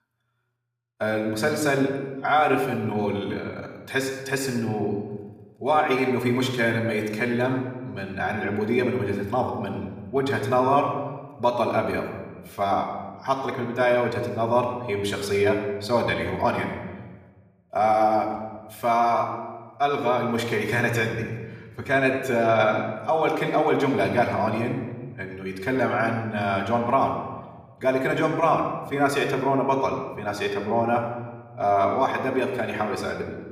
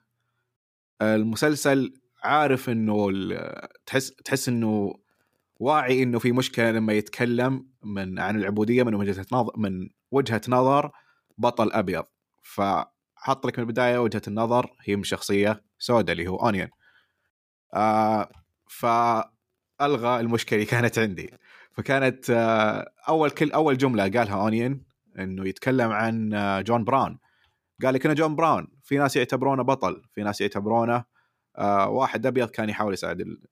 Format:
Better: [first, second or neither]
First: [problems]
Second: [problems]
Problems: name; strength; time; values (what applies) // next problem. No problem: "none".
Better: second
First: off-mic speech; far // room echo; slight; dies away in 1.1 s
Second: none